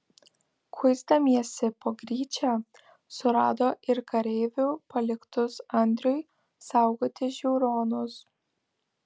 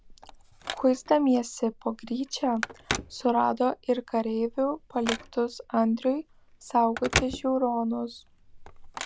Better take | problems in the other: first | background sound (Telephone); 10 dB below the speech

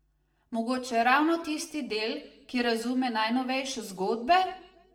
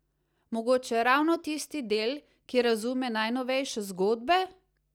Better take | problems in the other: second | room echo; dies away in 0.7 s

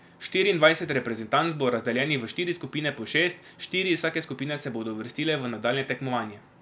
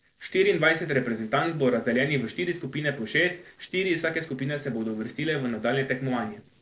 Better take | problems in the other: first | noise reduction (neural separator model SepFormer DNS4)

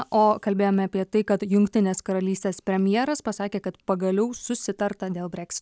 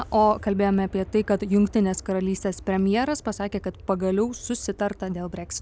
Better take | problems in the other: first | background sound (Aircraft); 19 dB below the speech

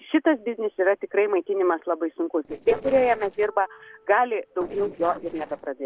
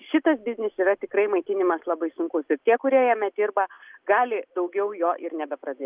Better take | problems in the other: second | noise reduction (neural separator model SepFormer DNS4)

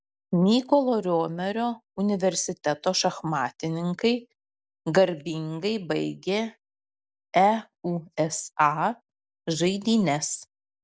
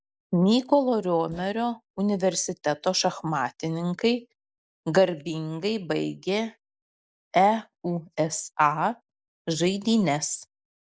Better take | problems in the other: first | noise reduction (neural mask model Resemble Enhance denoiser)

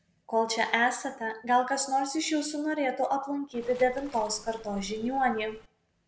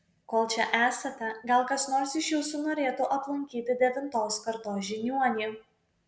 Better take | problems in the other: second | background sound (Waves, surf); 20 dB below the speech

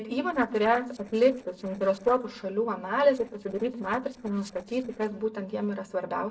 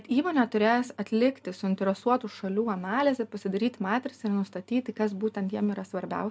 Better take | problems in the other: second | noise reduction (neural separator model SepFormer DNS4)

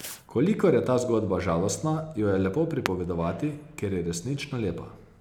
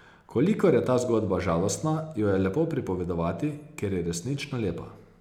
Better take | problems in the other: second | background sound (Fireworks); 19 dB below the speech

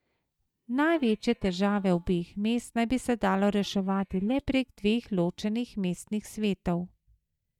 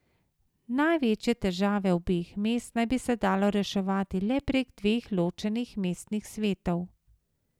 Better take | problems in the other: second | noise reduction (neural mask model DeepFilterNet 3)

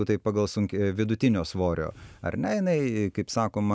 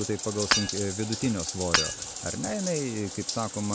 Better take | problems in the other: first | background sound (Shatter / Hammer + Bathtub (filling or washing)); 1 dB below the speech

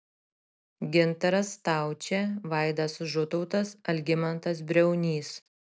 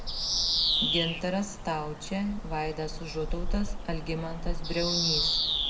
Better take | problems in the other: first | background sound (Bird vocalization, bird call, bird song); 3 dB above the speech // room echo; dies away in 0.9 s

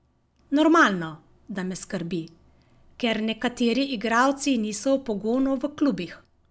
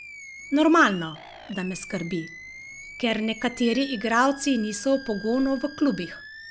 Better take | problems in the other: first | background sound (Animal); 17 dB below the speech

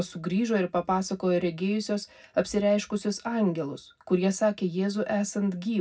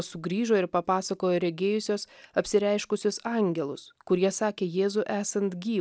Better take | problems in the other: second | room echo; dies away in 0.4 s

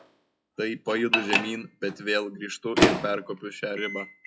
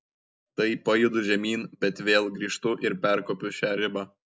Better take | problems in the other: second | noise reduction (classical method log-MMSE)

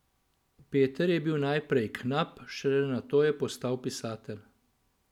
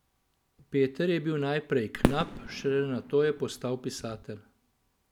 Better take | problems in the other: first | background sound (Fireworks); 4 dB below the speech

